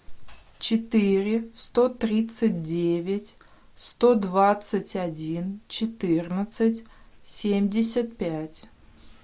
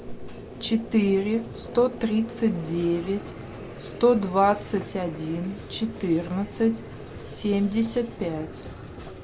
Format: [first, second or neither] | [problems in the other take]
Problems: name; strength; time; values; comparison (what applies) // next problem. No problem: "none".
first | background sound (Vehicle); 13 dB below the speech